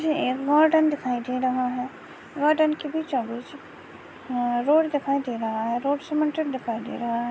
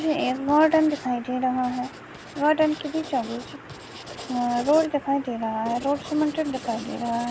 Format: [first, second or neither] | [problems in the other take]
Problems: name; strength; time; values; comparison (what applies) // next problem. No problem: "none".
first | background sound (Writing); 16 dB below the speech